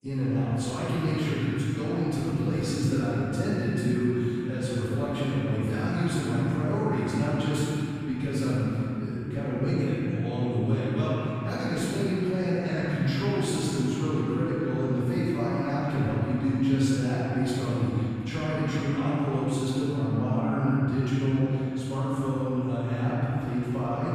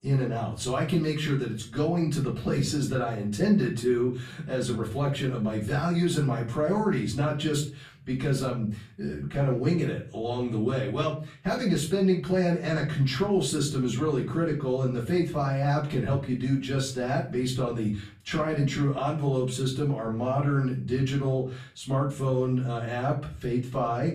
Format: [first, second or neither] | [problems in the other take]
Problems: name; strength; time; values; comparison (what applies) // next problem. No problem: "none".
second | room echo; strong; dies away in 3 s; slight in the second // off-mic speech; far; far in the second